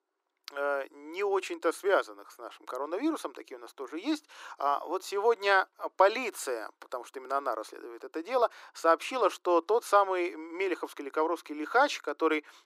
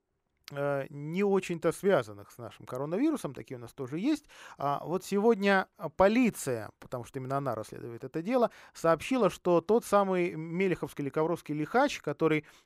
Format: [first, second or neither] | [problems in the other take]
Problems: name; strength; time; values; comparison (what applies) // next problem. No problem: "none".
second | thin; very; fading below 300 Hz